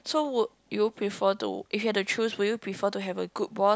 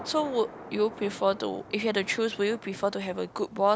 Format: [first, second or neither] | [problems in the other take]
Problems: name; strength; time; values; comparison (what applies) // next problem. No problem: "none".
first | background sound (Thunder); 17 dB below the speech